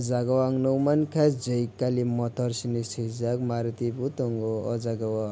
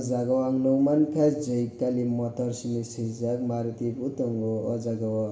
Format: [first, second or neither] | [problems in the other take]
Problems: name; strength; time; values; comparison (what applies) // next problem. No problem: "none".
first | room echo; dies away in 0.7 s